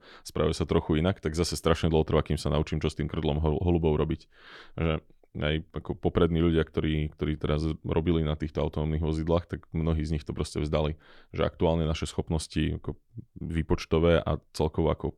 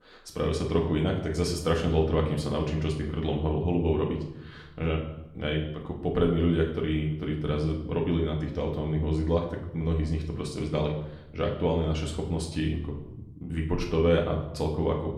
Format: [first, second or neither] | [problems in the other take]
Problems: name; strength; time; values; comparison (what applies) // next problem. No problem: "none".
first | room echo; slight; dies away in 0.7 s // off-mic speech; somewhat distant